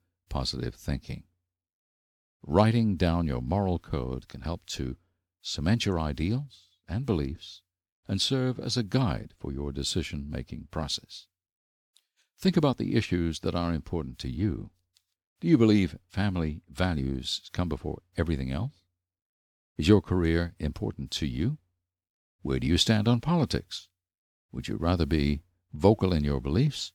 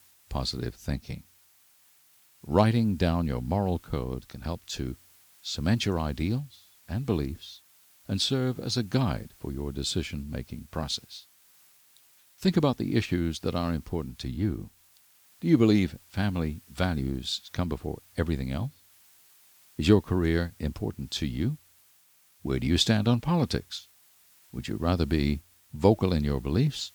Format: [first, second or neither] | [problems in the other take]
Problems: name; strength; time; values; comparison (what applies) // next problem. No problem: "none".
first | hiss; faint; throughout; 30 dB below the speech